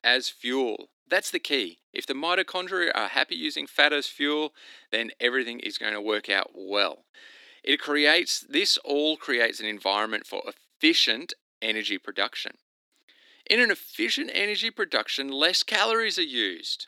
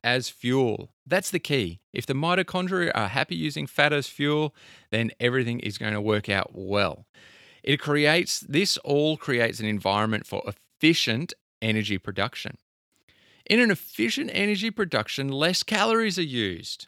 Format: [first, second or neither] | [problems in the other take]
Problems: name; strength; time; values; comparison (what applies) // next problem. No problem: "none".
second | thin; somewhat; fading below 250 Hz